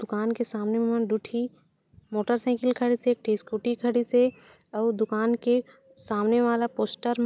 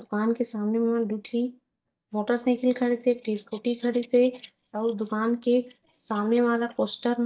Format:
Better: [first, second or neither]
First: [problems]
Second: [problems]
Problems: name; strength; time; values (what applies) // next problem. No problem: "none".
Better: first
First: none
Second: noise reduction (neural mask model DeepFilterNet 3)